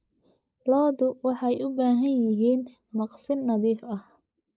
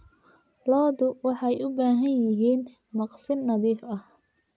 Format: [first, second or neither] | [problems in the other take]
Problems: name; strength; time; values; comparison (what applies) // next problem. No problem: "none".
second | noise reduction (neural mask model Resemble Enhance denoiser)